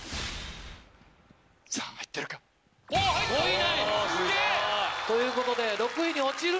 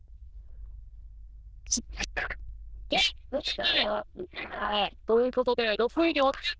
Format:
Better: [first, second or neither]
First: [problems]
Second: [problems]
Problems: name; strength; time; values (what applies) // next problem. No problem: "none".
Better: first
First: none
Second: noise reduction (neural diffusion model UNIVERSE++)